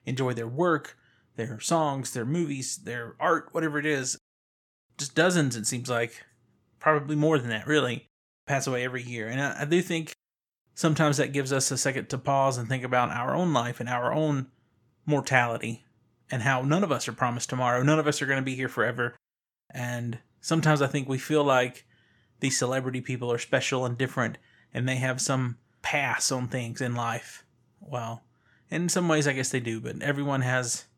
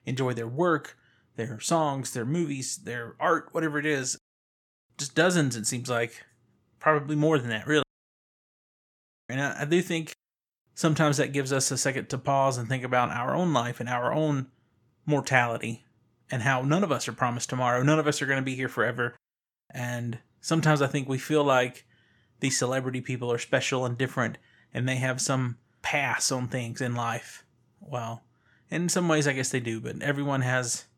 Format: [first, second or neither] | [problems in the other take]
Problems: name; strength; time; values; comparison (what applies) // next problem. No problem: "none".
first | audio cutting out; at 8 s for 1.5 s